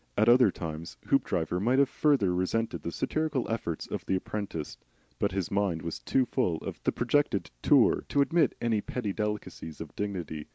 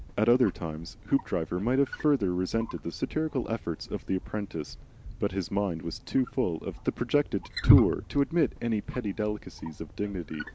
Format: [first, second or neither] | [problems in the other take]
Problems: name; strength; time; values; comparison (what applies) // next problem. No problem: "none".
first | background sound (Wild animals); 6 dB below the speech